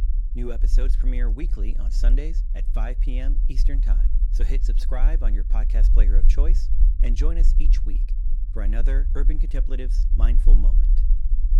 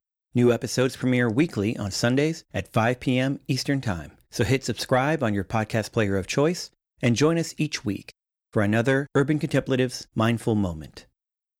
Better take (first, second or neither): second